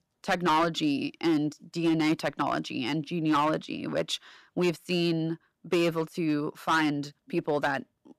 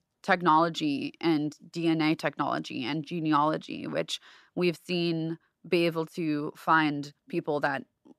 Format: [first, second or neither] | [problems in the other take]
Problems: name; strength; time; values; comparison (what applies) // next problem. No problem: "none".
second | distortion; slight; 5% of the sound clipped